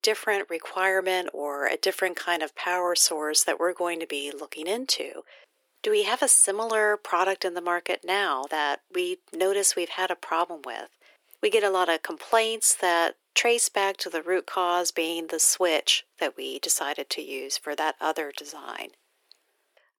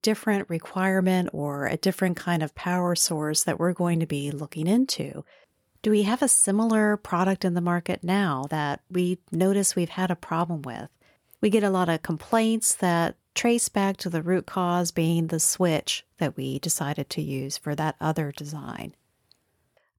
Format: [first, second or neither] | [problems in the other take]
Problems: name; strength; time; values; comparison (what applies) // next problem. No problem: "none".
second | thin; very; fading below 350 Hz